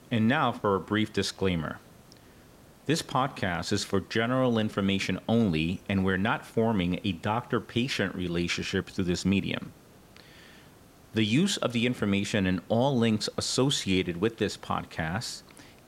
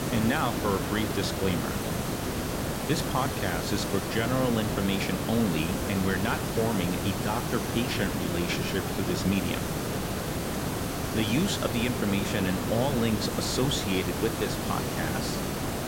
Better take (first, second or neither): first